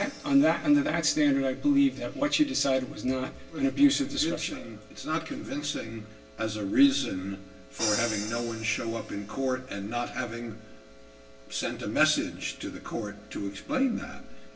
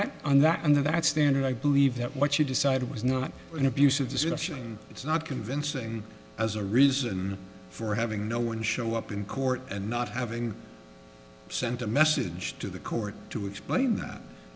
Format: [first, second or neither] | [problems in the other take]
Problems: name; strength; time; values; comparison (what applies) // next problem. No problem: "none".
second | background sound (Crash cymbal); 17 dB below the speech // room echo; dies away in 0.2 s